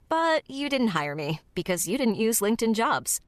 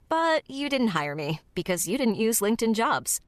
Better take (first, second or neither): neither